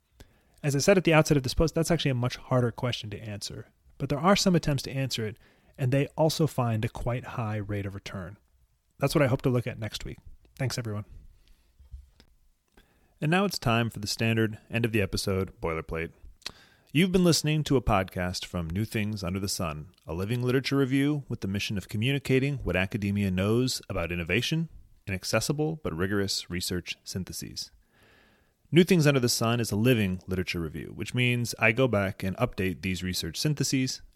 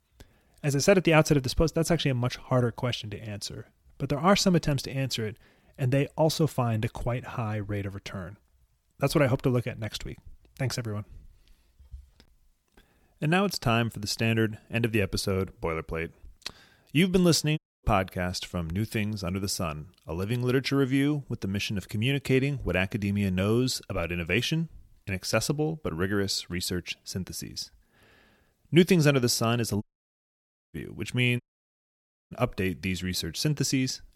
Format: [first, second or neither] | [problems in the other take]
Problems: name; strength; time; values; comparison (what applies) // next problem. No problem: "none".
first | audio cutting out; at 18 s, at 30 s for 1 s and at 31 s for 1 s